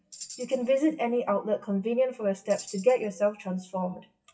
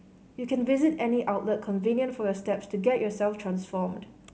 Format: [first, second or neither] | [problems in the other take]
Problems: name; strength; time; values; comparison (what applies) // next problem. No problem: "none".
second | noise reduction (classical method WPE with log-MMSE)